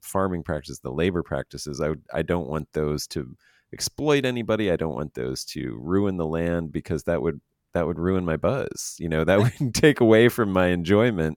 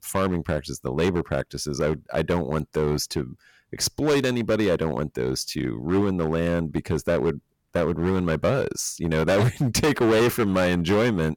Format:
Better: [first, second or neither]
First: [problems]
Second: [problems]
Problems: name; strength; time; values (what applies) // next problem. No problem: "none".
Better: first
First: none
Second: distortion; heavy; 11% of the sound clipped